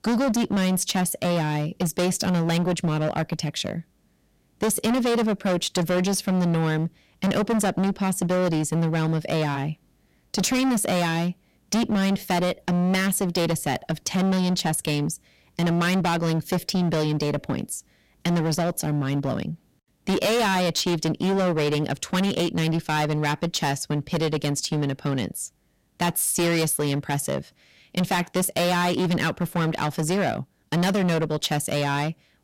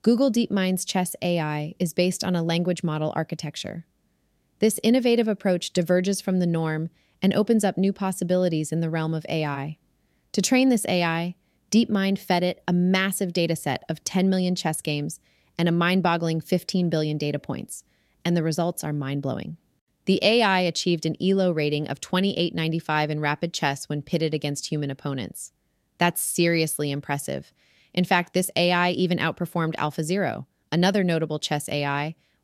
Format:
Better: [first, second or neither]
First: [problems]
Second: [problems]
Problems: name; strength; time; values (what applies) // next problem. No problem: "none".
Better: second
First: distortion; heavy; 22% of the sound clipped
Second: none